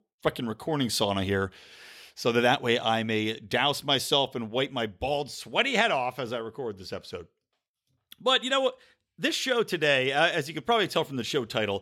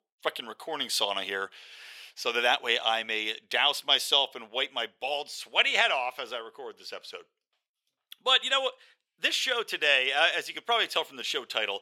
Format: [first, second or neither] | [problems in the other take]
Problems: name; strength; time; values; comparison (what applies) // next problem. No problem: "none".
first | thin; very; fading below 600 Hz